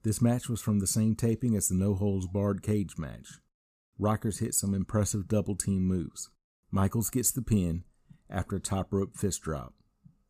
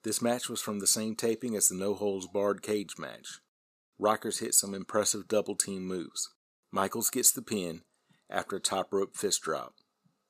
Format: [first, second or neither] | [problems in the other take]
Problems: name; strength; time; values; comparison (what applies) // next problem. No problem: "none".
first | thin; somewhat; fading below 450 Hz